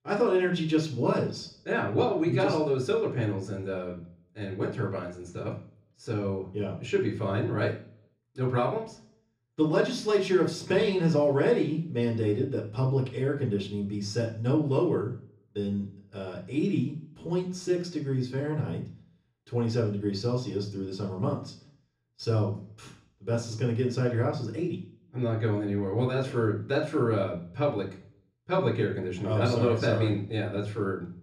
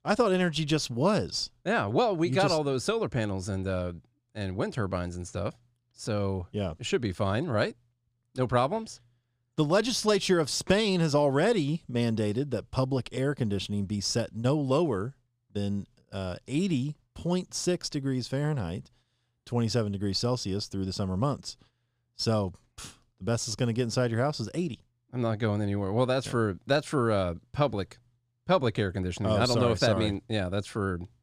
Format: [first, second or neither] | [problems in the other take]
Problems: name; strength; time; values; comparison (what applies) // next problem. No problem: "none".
second | room echo; slight; dies away in 0.5 s // off-mic speech; far